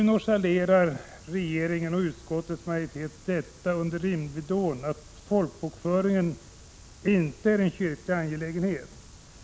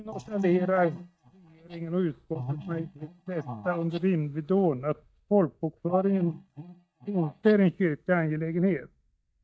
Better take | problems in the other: first | noise reduction (neural mask model DeepFilterNet 3)

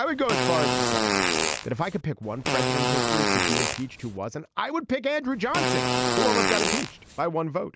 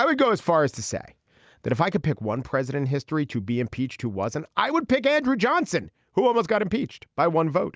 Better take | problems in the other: second | background sound (Fart); 3 dB above the speech

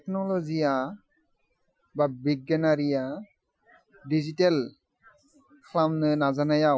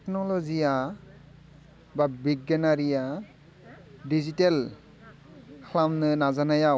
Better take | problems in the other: second | noise reduction (classical method Wiener filter)

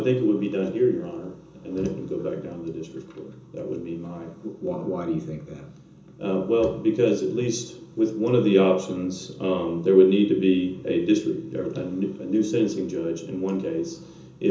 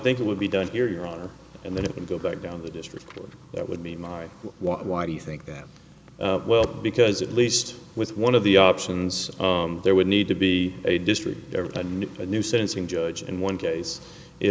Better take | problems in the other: second | room echo; dies away in 0.6 s

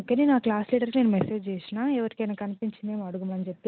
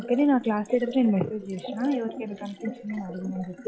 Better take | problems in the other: first | noise reduction (classical method log-MMSE)

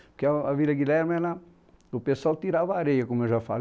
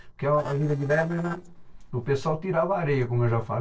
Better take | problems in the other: first | noise reduction (neural separator model SepFormer DNS4)

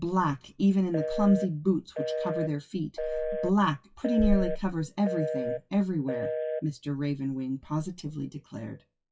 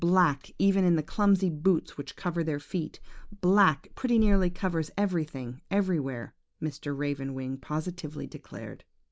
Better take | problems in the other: second | noise reduction (classical method WPE with log-MMSE)

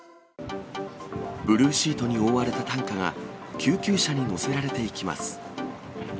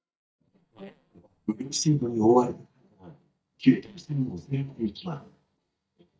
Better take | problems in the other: first | noise reduction (neural mask model DeepFilterNet 3)

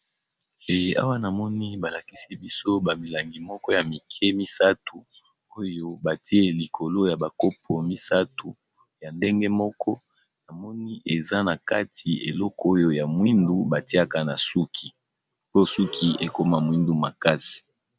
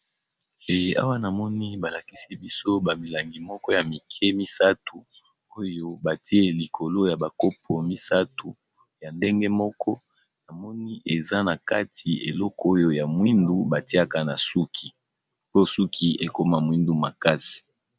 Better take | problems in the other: second | background sound (Breathing); 17 dB below the speech

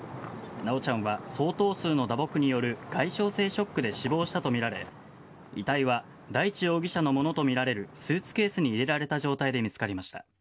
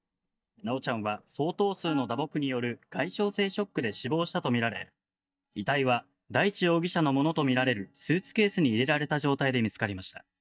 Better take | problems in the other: first | noise reduction (neural mask model DeepFilterNet 3)

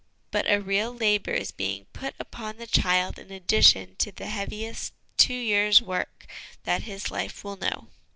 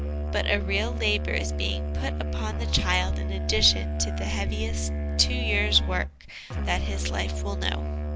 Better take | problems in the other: first | background sound (Musical instrument); 1 dB above the speech

